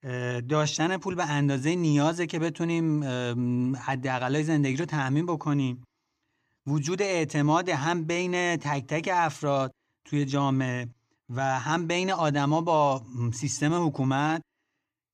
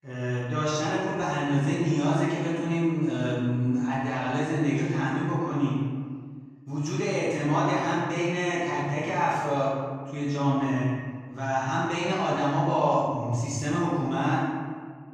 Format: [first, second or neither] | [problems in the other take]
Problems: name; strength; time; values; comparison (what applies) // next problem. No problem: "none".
first | room echo; strong; dies away in 1.5 s // off-mic speech; far